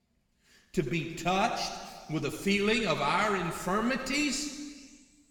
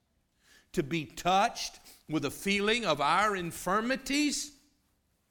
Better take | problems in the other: second | room echo; slight; dies away in 1.7 s

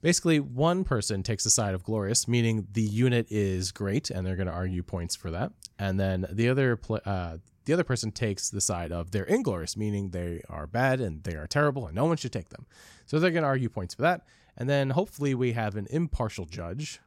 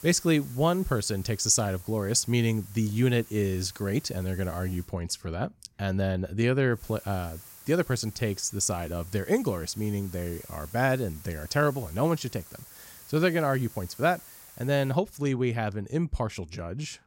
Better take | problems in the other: first | hiss; noticeable; until 5 s and from 7 to 15 s; 20 dB below the speech

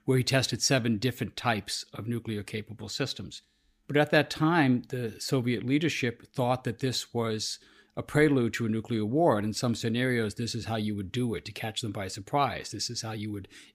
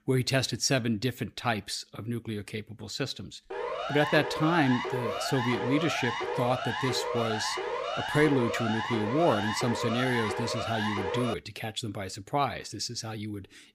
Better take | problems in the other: first | siren; noticeable; from 3.5 to 11 s; peak 2 dB below the speech

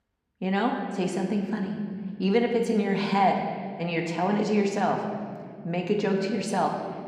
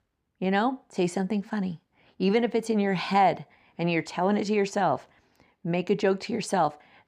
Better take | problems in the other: second | room echo; slight; dies away in 1.8 s

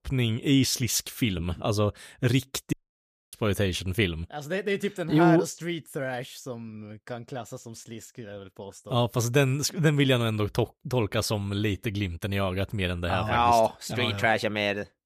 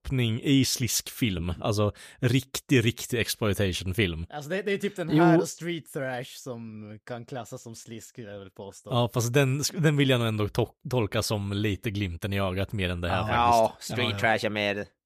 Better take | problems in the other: second | audio cutting out; at 2.5 s for 0.5 s

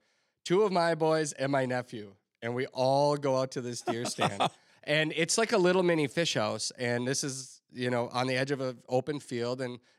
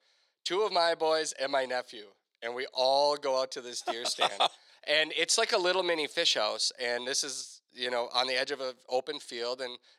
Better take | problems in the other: first | thin; very; fading below 550 Hz

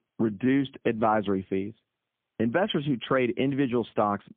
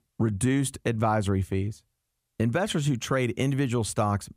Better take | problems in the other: second | phone-call audio; poor line; nothing above 3.5 kHz

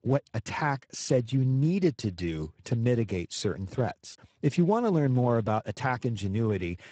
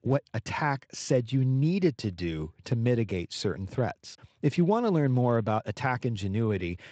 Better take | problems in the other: second | garbled, watery; badly; nothing above 8 kHz; slightly in the second

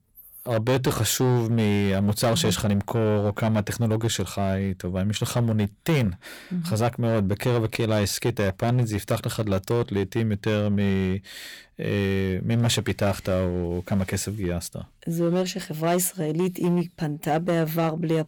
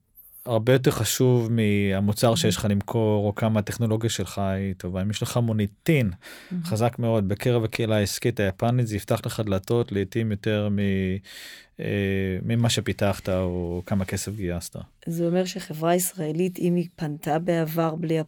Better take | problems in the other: second | distortion; slight; 9% of the sound clipped

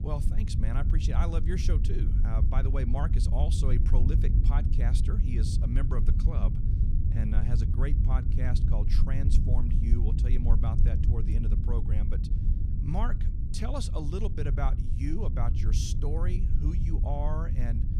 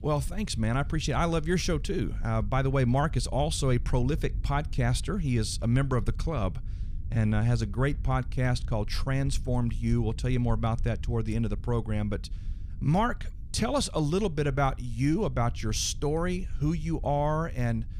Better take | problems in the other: second | low rumble; loud; throughout; 4 dB below the speech; faint in the second

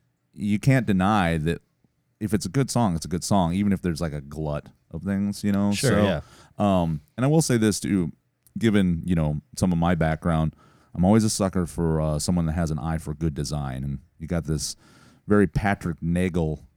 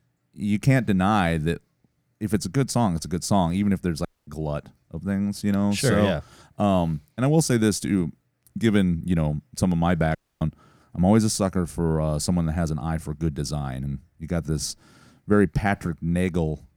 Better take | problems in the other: first | audio cutting out; at 4 s and at 10 s

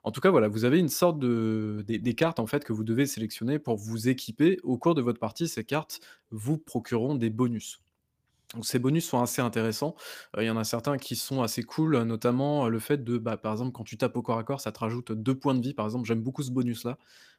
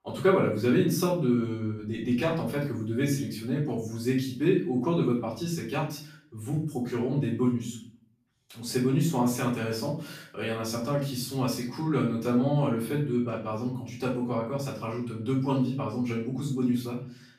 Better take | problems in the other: first | off-mic speech; far // room echo; noticeable; dies away in 0.4 s

